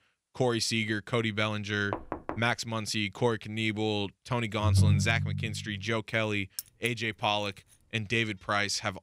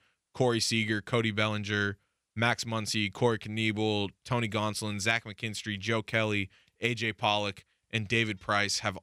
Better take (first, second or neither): second